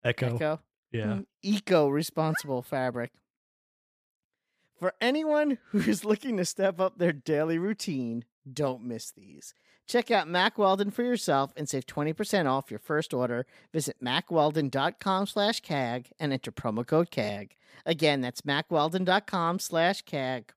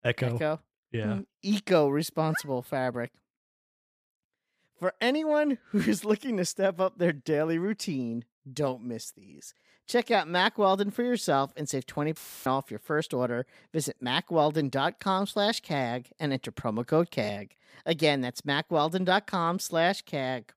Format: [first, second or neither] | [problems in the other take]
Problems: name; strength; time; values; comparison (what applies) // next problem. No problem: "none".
first | audio cutting out; filled with static; at 12 s